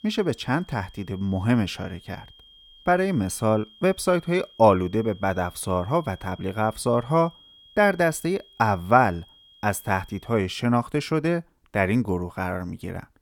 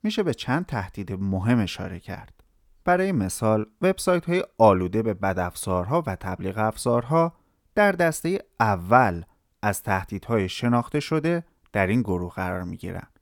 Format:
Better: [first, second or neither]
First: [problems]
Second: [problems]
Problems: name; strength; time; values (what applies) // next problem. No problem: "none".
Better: second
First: high-pitched whine; faint; until 10 s; 3.5 kHz, 25 dB below the speech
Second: none